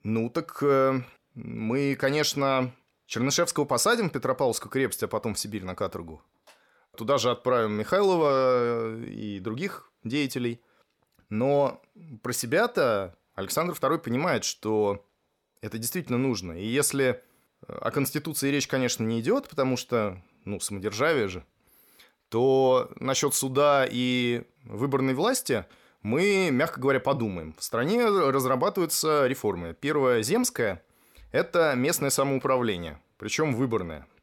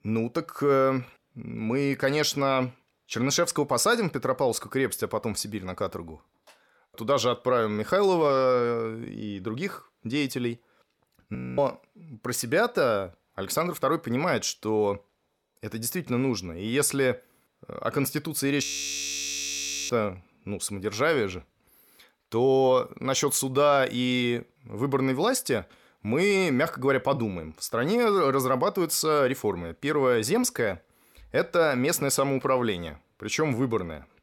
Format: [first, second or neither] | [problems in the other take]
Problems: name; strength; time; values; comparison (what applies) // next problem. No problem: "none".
first | audio freezing; at 11 s and at 19 s for 1.5 s